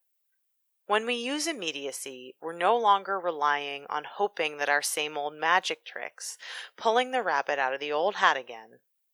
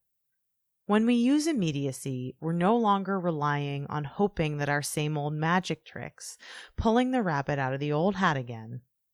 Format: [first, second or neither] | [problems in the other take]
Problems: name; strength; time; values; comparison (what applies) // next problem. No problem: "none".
second | thin; very; fading below 500 Hz